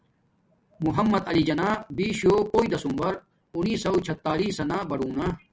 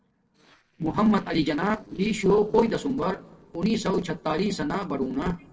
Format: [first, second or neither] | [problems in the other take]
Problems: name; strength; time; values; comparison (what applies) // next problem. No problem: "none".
first | noise reduction (neural separator model SepFormer DNS4)